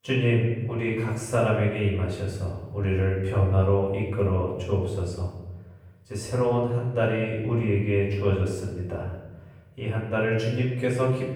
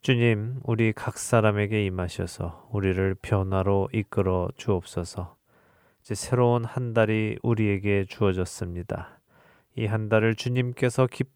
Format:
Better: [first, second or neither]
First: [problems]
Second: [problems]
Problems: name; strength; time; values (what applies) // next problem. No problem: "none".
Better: second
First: off-mic speech; far // room echo; noticeable; dies away in 1.1 s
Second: none